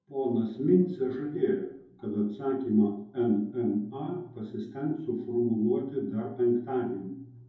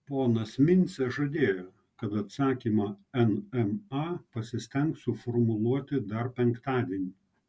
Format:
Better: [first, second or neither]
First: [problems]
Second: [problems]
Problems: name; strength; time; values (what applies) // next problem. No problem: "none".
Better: second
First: room echo; dies away in 2.6 s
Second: none